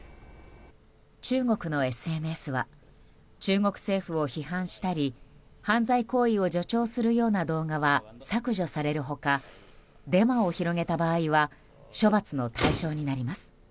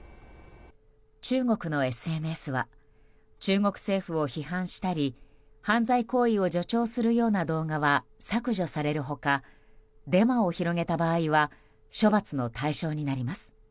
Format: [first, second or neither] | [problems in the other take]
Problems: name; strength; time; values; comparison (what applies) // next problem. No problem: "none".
second | background sound (Motor vehicle (road)); 16 dB below the speech